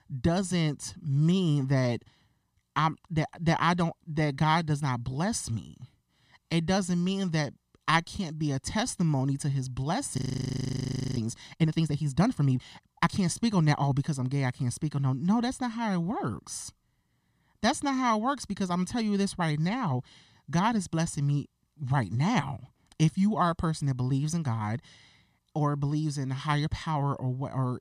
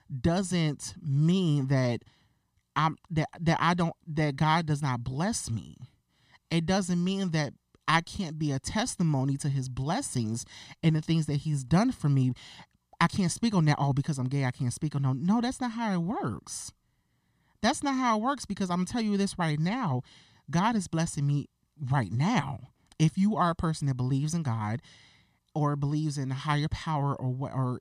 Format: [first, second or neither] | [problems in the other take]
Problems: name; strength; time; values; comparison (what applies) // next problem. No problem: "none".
second | audio freezing; at 10 s for 1 s